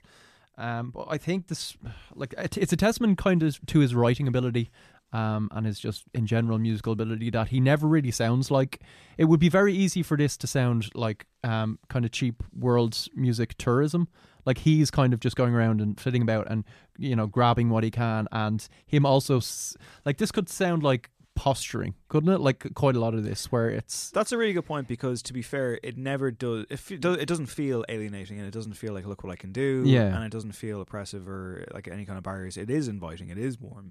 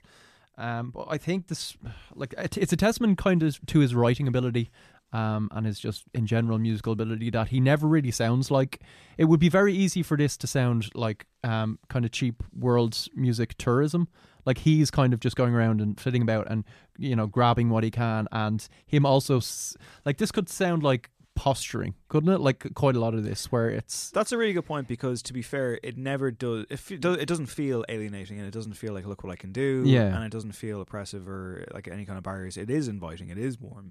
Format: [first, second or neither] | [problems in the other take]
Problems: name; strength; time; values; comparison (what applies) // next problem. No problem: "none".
neither | none